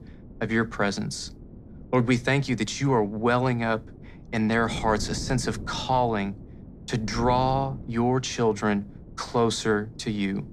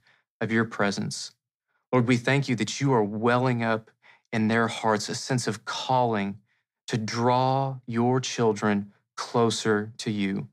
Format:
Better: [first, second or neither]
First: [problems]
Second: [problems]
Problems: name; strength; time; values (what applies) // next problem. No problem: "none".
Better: second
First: wind noise on the microphone; occasional gusts; 20 dB below the speech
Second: none